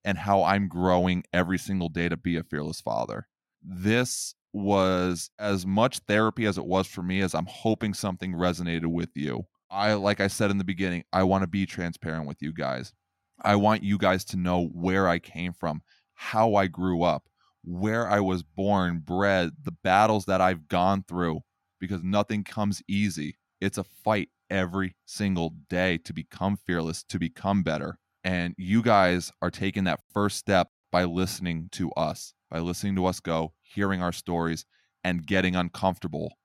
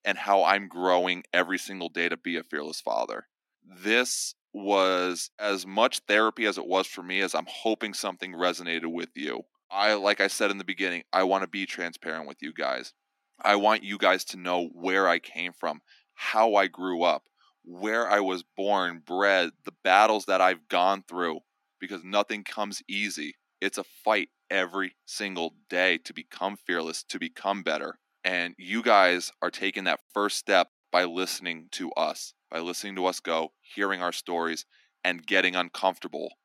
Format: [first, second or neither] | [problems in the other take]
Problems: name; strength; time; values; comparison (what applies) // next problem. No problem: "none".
first | thin; somewhat; fading below 250 Hz